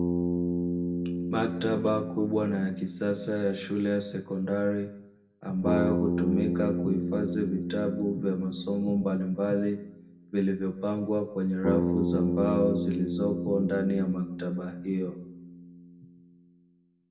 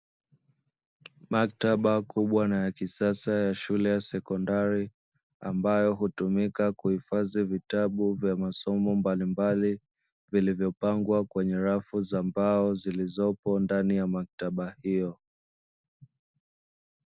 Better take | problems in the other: second | background sound (Bass guitar); 3 dB below the speech // room echo; dies away in 0.6 s

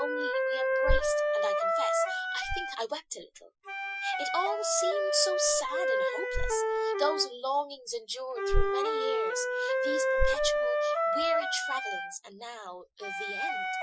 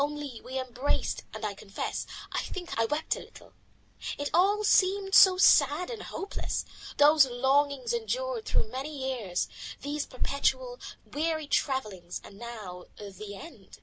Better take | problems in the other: second | noise reduction (classical method Wiener filter)

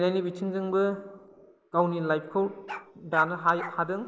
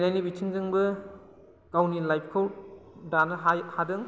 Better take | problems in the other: second | noise reduction (neural mask model Resemble Enhance denoiser)

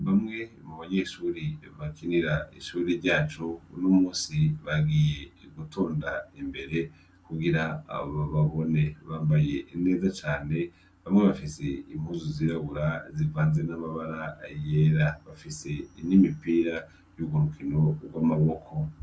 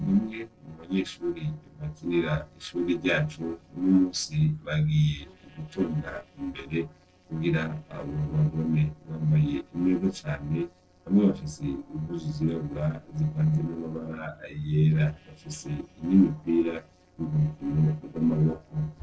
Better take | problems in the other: first | noise reduction (neural separator model SepFormer DNS4)

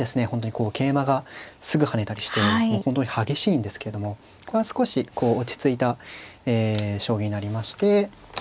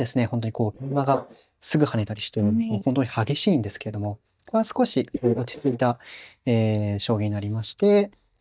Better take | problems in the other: first | noise reduction (neural mask model DeepFilterNet 3)

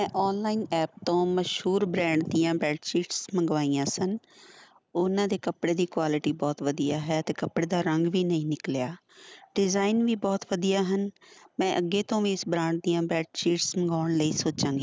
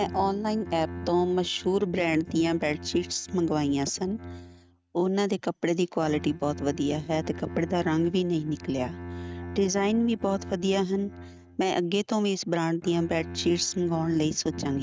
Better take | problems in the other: first | noise reduction (neural mask model RNNoise)

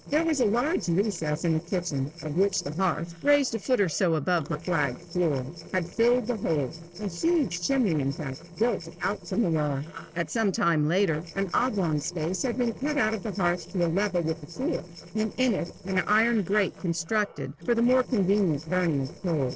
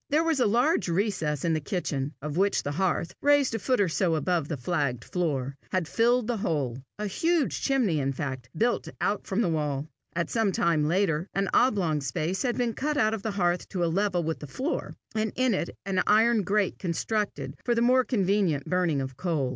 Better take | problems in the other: second | noise reduction (neural separator model SepFormer DNS4)

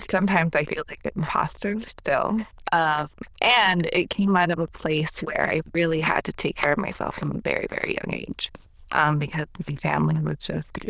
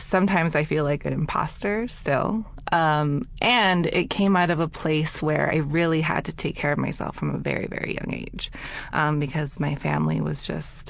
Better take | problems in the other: second | noise reduction (neural diffusion model UNIVERSE++)

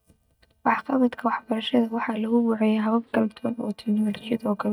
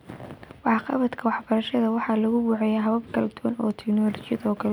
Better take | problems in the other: second | noise reduction (neural mask model DeepFilterNet 3)

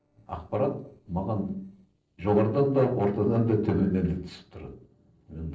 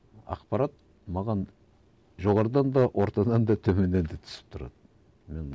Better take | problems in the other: second | noise reduction (neural separator model SepFormer DNS4)

